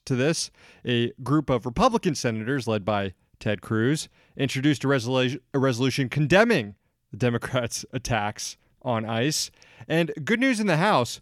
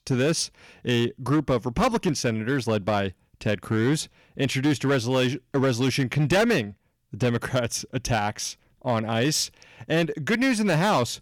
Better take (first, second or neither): first